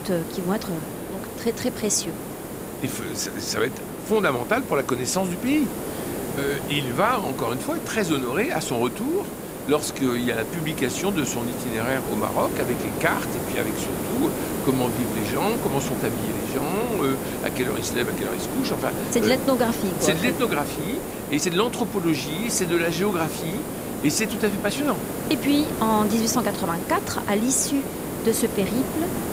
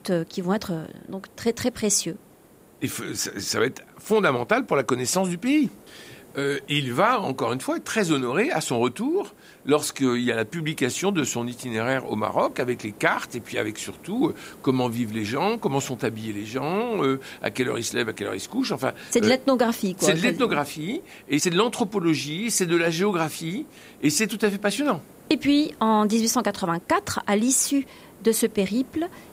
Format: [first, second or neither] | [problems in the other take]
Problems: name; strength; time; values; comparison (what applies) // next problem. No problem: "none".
second | hiss; loud; throughout; 5 dB below the speech; faint in the second